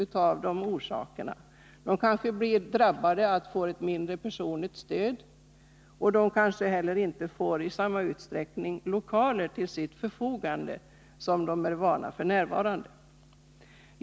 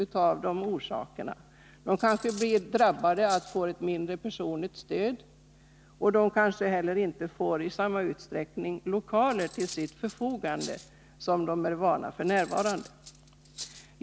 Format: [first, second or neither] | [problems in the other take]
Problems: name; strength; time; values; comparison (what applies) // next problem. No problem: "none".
first | background sound (Cutlery, silverware); 18 dB below the speech